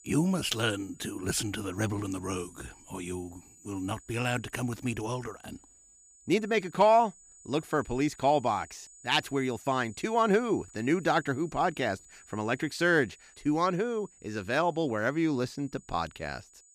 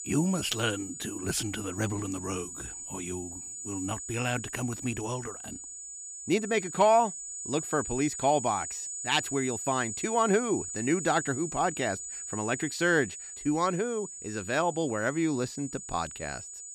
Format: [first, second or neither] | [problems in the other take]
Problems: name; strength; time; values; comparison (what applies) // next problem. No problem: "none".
first | high-pitched whine; loud; throughout; 7 kHz, 7 dB below the speech; faint in the first